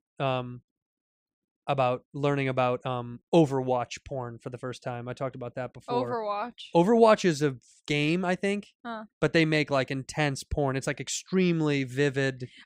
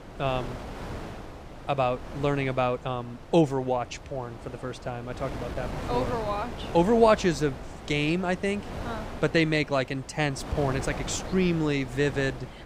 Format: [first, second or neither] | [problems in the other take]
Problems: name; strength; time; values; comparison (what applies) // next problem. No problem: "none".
first | wind noise on the microphone; occasional gusts; 15 dB below the speech